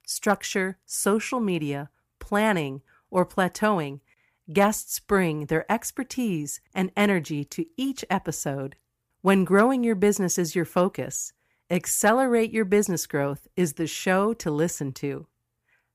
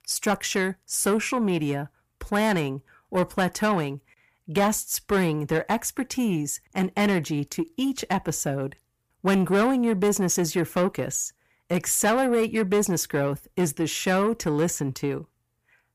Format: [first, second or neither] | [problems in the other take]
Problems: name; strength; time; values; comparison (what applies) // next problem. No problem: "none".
first | distortion; slight; 10 dB below the speech